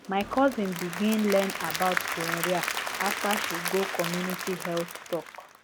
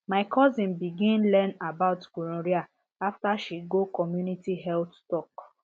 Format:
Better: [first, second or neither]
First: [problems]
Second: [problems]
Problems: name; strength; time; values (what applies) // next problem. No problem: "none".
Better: second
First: background sound (Applause / Crowd); 4 dB below the speech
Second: none